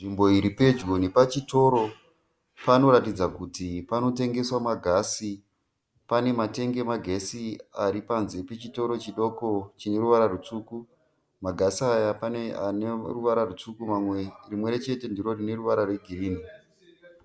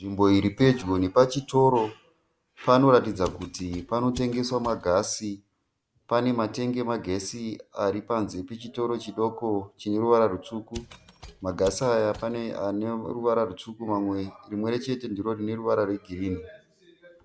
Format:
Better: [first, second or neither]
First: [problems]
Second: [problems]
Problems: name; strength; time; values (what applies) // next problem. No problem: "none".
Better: first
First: none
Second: background sound (Mechanisms); 18 dB below the speech